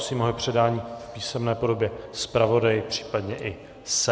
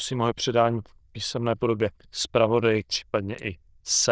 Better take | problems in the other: first | noise reduction (neural diffusion model UNIVERSE++)

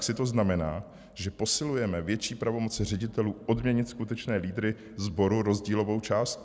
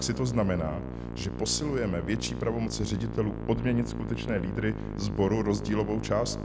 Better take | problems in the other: first | background sound (Musical instrument); 6 dB below the speech

